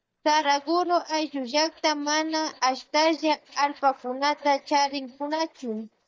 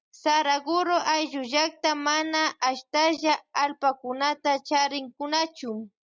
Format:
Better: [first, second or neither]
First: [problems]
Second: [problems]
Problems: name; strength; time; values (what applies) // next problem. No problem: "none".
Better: second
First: noise reduction (neural mask model DeepFilterNet 3)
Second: none